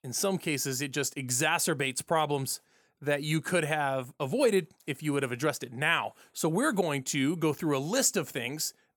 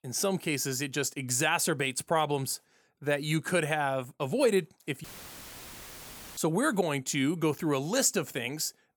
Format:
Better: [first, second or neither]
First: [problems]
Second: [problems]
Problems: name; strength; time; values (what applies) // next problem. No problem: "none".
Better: first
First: none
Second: audio cutting out; filled with static; at 5 s for 1.5 s